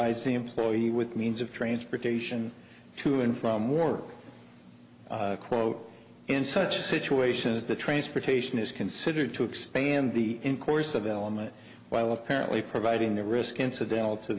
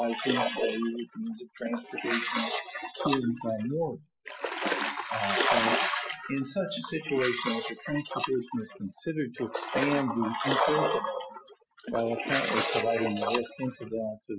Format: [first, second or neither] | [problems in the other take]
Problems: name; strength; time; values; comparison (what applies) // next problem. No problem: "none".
first | noise reduction (classical method Wiener filter)